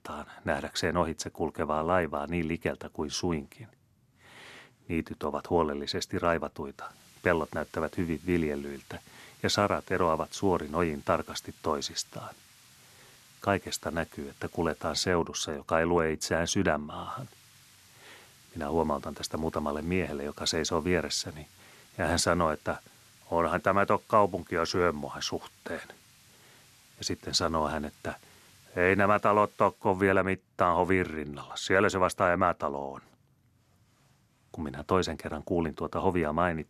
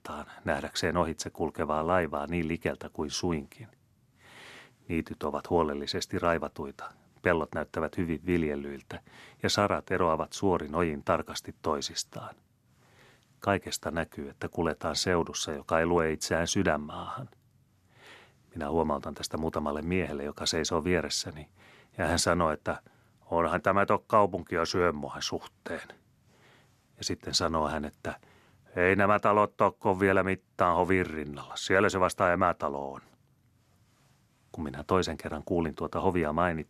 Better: second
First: hiss; faint; from 7 to 15 s and from 17 to 30 s; 25 dB below the speech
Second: none

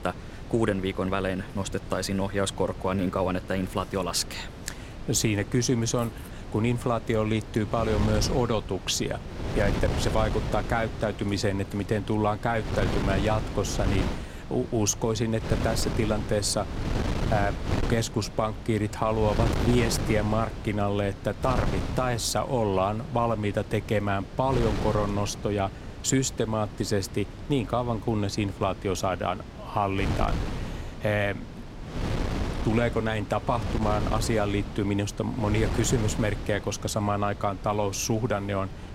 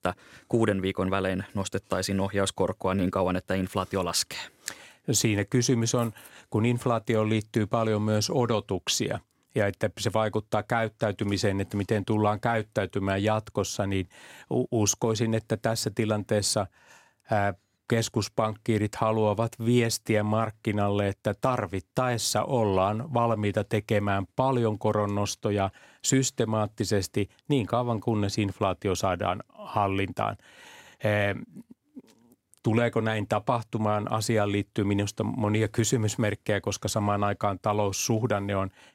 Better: second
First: wind noise on the microphone; heavy; 10 dB below the speech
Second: none

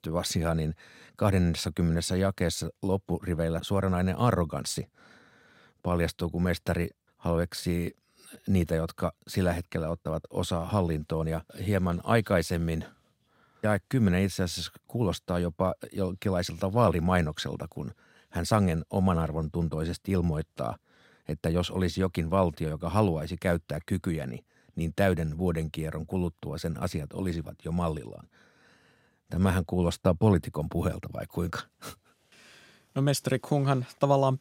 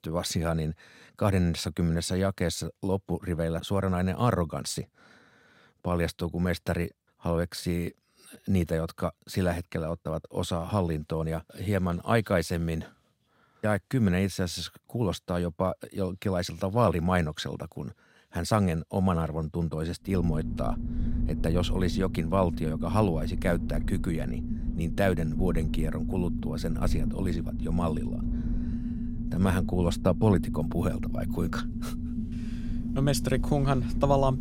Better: first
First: none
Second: low rumble; loud; from 20 s on; 9 dB below the speech

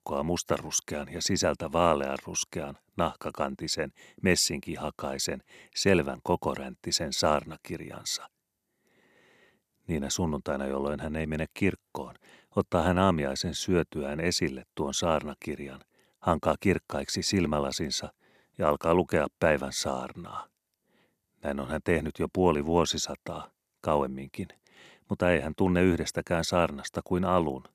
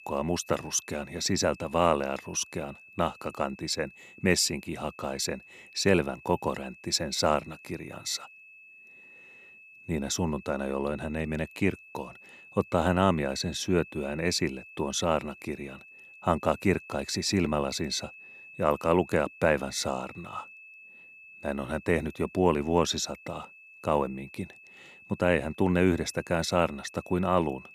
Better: first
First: none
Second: high-pitched whine; noticeable; throughout; 2.5 kHz, 20 dB below the speech

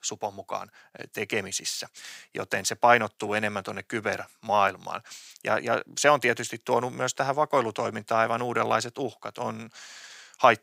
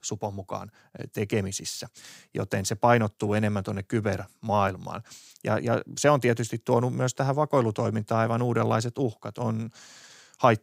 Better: second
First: thin; somewhat; fading below 600 Hz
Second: none

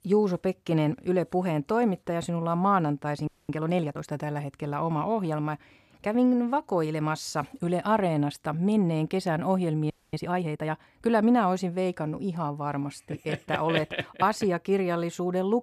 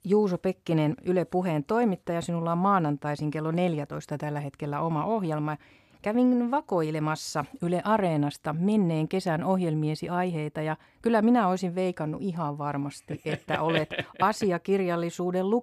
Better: second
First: audio freezing; at 3.5 s and at 10 s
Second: none

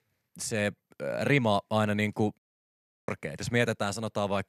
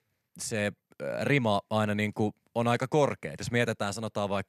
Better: second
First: audio cutting out; at 2.5 s for 0.5 s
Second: none

